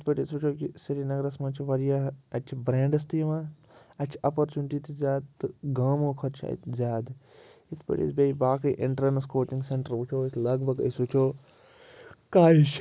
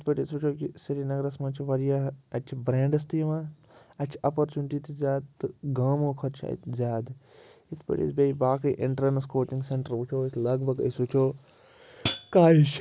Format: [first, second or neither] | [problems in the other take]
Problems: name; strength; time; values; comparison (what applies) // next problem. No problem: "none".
first | background sound (Hi-hat); 5 dB below the speech